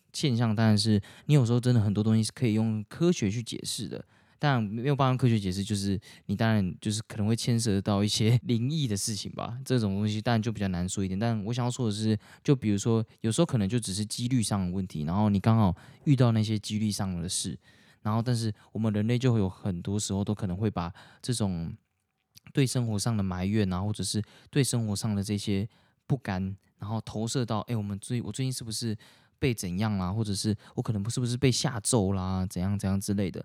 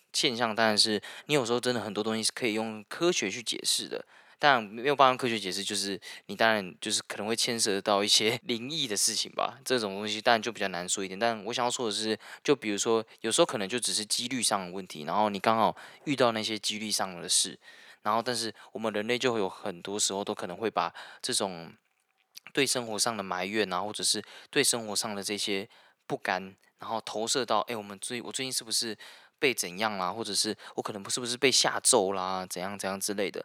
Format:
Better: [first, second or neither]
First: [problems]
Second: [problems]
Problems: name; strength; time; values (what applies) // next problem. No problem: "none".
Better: first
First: none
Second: thin; very; fading below 550 Hz